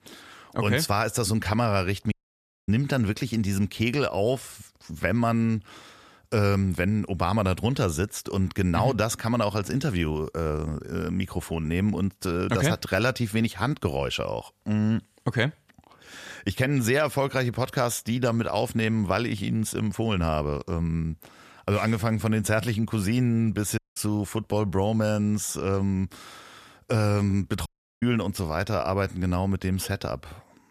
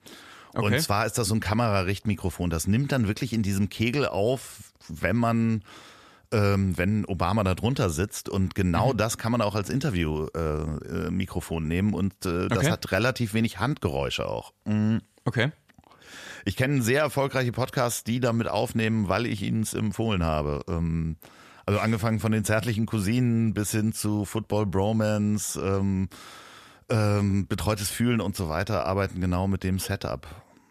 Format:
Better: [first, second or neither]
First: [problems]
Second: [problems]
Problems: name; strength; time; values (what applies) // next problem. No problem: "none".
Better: second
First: audio cutting out; at 2 s for 0.5 s, at 24 s and at 28 s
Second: none